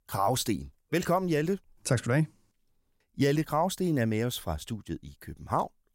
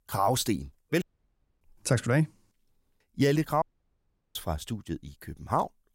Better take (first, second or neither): first